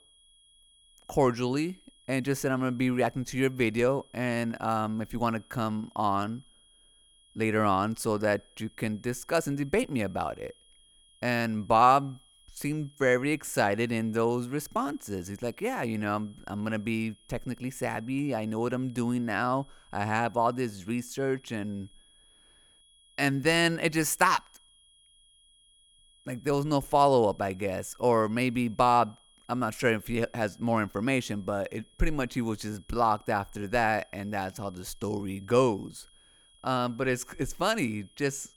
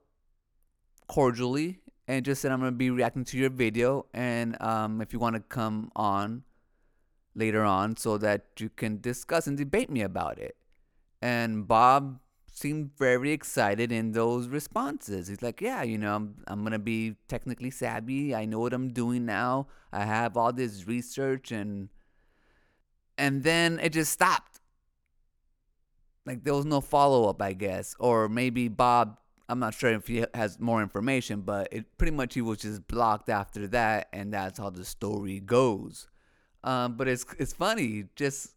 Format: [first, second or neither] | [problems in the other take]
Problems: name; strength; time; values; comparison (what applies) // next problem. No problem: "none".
second | high-pitched whine; faint; throughout; 3.5 kHz, 30 dB below the speech